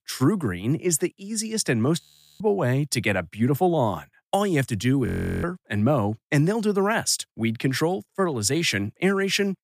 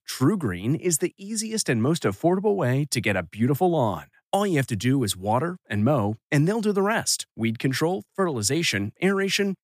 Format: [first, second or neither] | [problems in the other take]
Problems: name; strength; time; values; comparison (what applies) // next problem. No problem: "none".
second | audio freezing; at 2 s and at 5 s